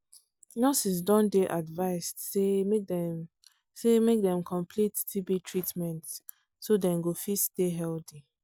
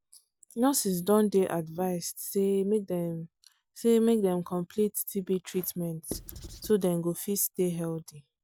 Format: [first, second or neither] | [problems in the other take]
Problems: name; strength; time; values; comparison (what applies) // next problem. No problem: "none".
first | background sound (Writing); 13 dB below the speech